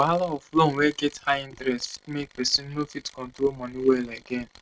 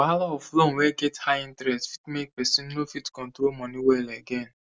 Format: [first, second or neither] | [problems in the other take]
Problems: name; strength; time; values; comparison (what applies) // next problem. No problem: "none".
second | noise reduction (neural mask model RNNoise)